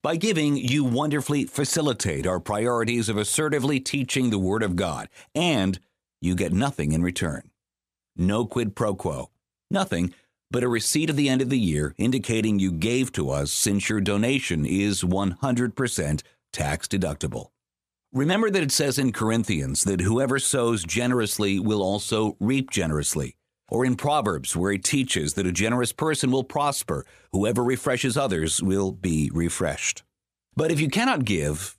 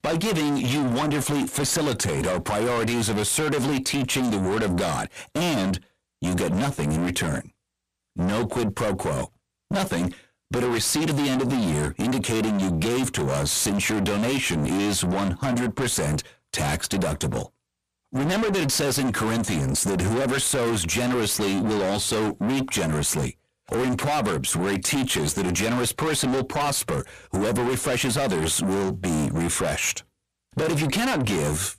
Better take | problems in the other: first | distortion; heavy; 5 dB below the speech

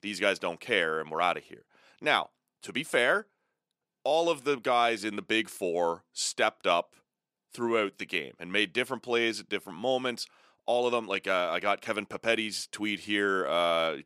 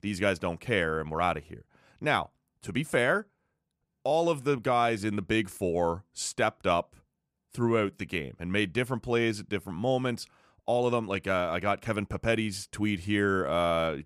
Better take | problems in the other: second | thin; somewhat; fading below 300 Hz

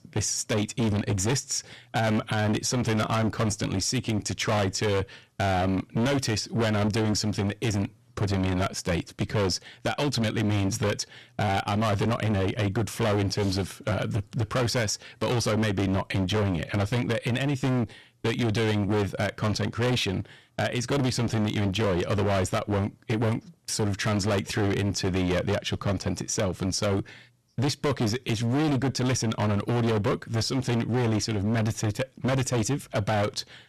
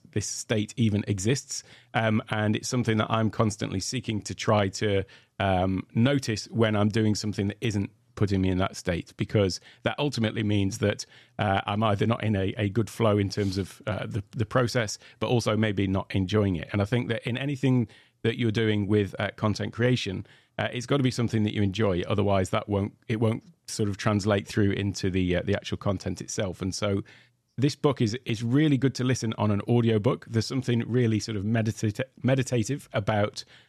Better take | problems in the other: second | distortion; heavy; 24% of the sound clipped

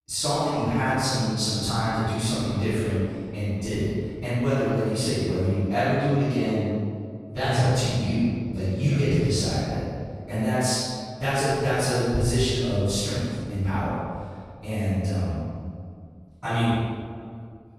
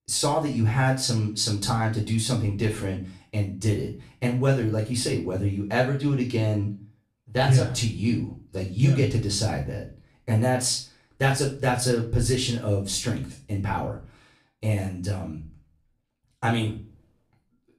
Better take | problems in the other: second | room echo; strong; dies away in 1.9 s; slight in the second // off-mic speech; far; far in the second

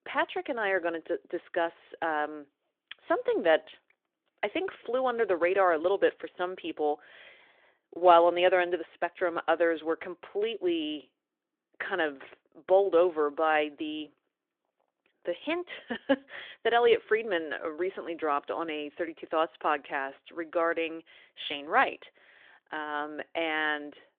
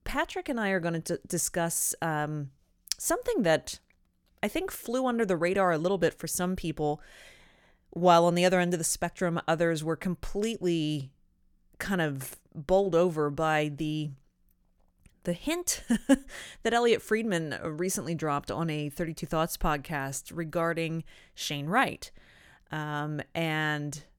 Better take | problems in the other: second | phone-call audio

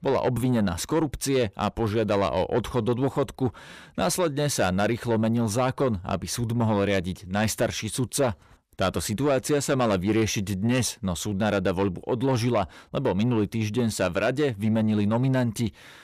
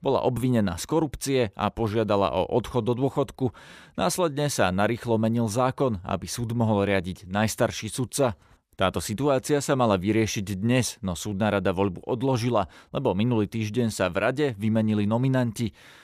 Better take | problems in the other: second | distortion; slight; 10 dB below the speech

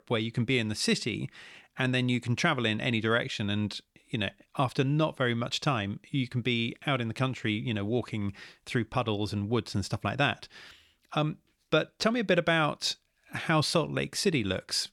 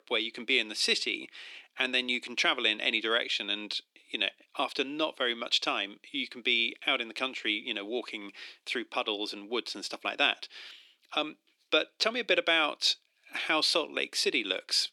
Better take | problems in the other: first | thin; somewhat; fading below 300 Hz

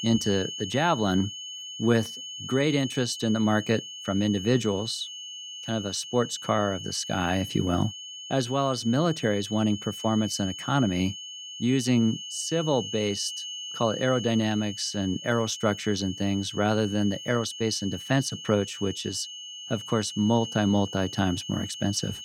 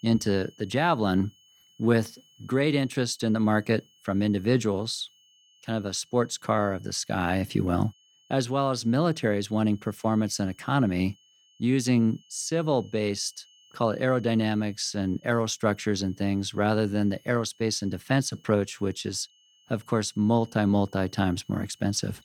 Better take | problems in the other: second | high-pitched whine; loud; throughout; 3 kHz, 9 dB below the speech; faint in the second

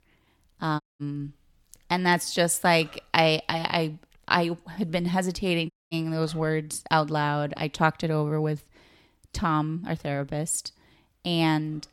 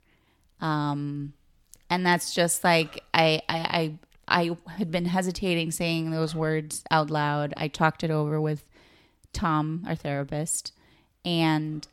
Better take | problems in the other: second | audio cutting out; at 1 s and at 5.5 s

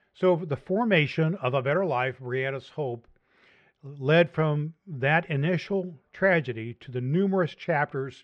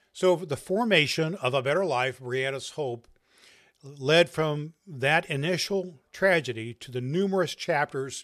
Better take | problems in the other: second | muffled; very; fading above 2 kHz

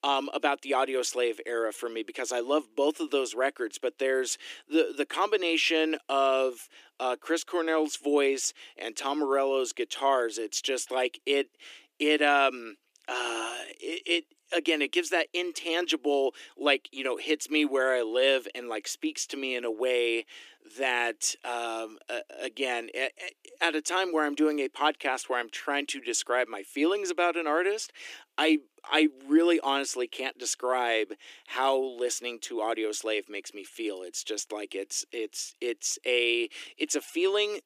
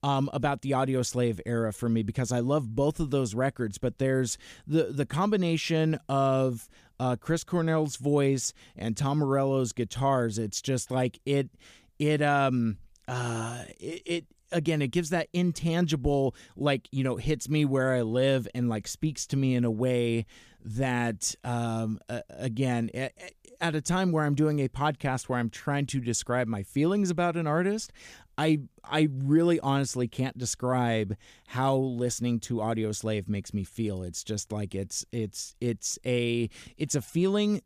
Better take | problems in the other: second | thin; somewhat; fading below 300 Hz

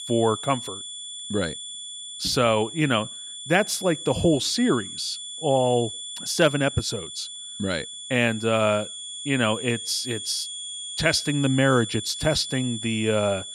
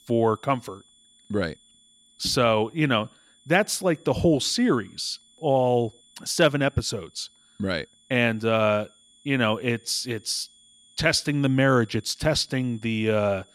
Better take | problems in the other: second | high-pitched whine; loud; throughout; 3.5 kHz, 9 dB below the speech; faint in the second

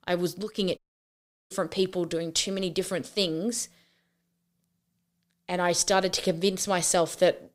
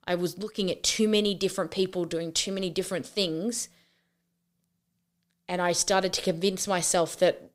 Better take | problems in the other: second | audio cutting out; at 1 s for 0.5 s

